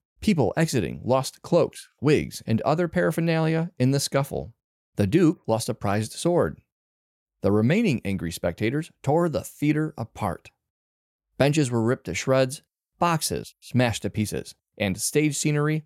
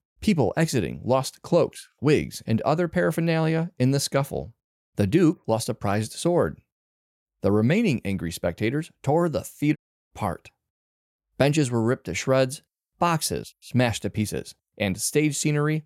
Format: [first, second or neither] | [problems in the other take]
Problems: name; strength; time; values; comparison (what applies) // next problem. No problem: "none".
first | audio cutting out; at 10 s